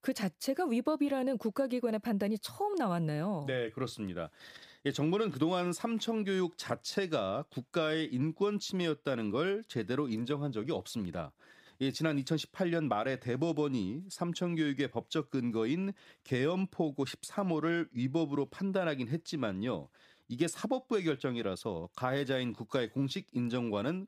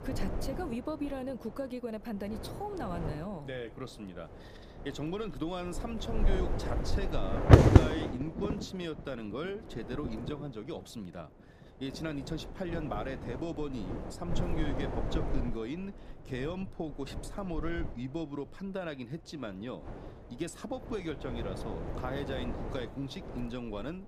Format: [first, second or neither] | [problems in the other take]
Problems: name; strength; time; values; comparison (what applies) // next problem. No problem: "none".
first | wind noise on the microphone; heavy; 3 dB above the speech